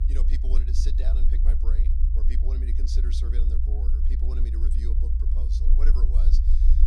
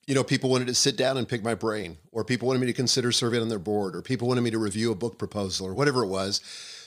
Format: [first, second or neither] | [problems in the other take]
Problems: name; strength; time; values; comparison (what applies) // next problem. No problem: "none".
second | low rumble; loud; throughout; 1 dB below the speech